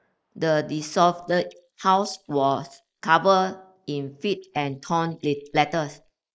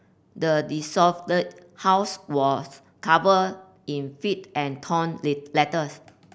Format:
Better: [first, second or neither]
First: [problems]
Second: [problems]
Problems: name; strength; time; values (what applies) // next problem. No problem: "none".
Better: second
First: noise reduction (neural mask model Resemble Enhance denoiser)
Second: none